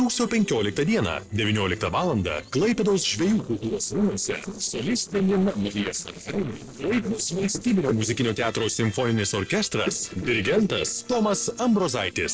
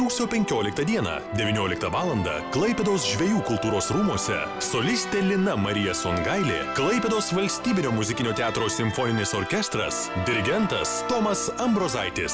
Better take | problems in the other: second | noise reduction (neural separator model SepFormer DNS4)

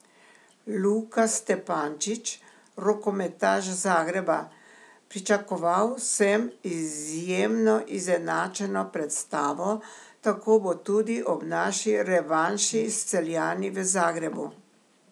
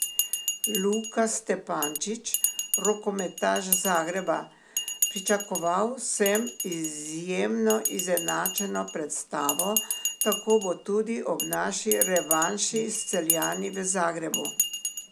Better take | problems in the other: first | background sound (Bell); 4 dB below the speech

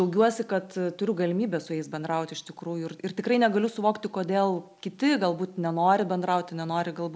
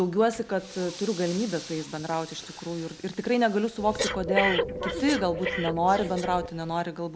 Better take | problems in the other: first | background sound (Breathing); 7 dB below the speech

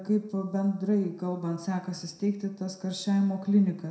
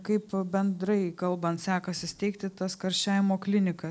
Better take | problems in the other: second | room echo; dies away in 0.6 s

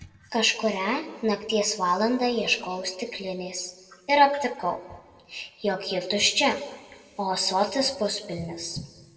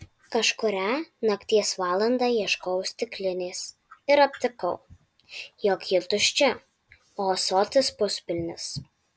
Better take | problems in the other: second | room echo; dies away in 1 s

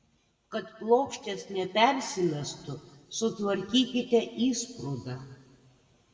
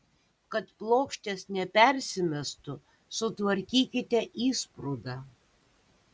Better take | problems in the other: second | room echo; dies away in 1.5 s

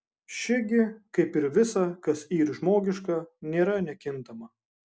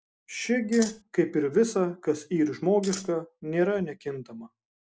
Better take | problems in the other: first | noise reduction (neural mask model Resemble Enhance denoiser)

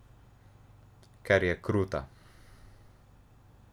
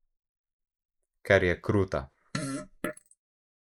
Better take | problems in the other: first | noise reduction (neural mask model Resemble Enhance denoiser)

